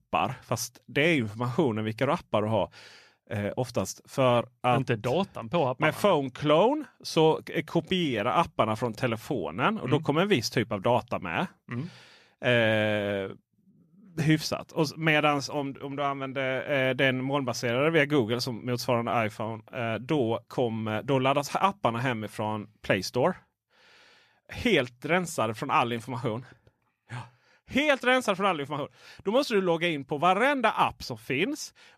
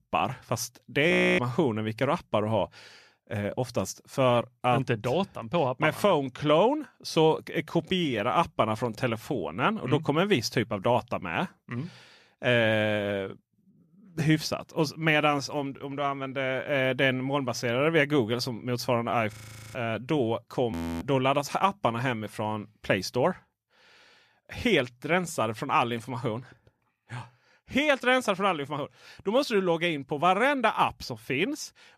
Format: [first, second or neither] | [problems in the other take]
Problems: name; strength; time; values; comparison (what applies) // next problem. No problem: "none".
first | audio freezing; at 1 s, at 19 s and at 21 s